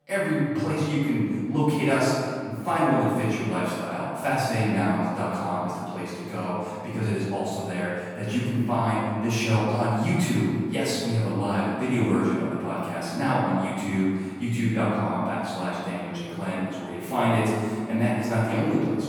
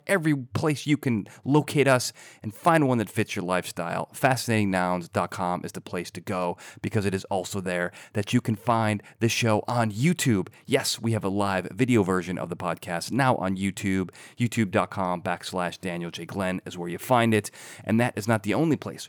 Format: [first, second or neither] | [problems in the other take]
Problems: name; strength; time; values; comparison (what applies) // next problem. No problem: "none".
second | room echo; strong; dies away in 1.8 s // off-mic speech; far